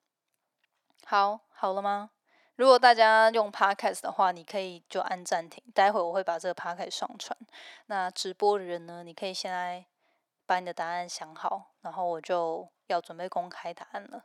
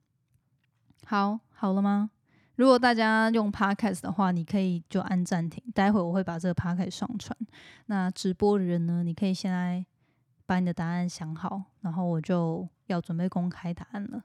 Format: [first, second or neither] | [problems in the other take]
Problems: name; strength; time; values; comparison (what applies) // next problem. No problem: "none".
second | thin; very; fading below 450 Hz